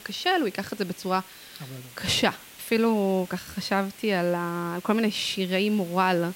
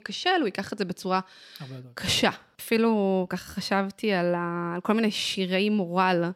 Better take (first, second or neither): second